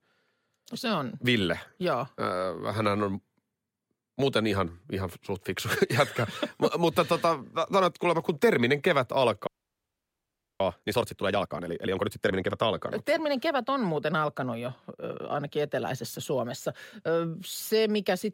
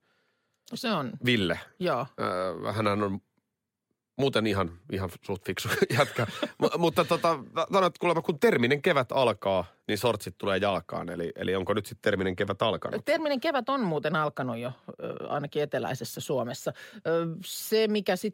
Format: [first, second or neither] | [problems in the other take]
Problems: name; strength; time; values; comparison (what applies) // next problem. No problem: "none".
second | audio freezing; at 9.5 s for 1 s